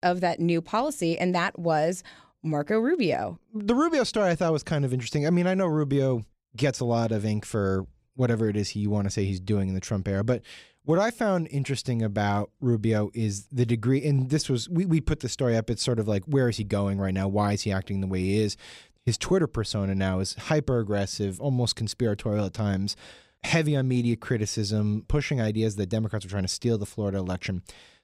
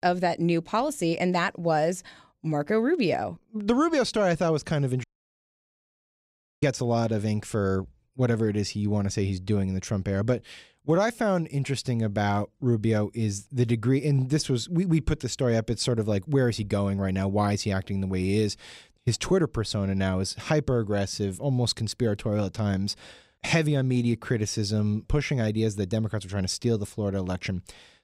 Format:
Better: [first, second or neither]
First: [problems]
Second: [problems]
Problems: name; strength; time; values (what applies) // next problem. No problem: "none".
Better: first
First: none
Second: audio cutting out; at 5 s for 1.5 s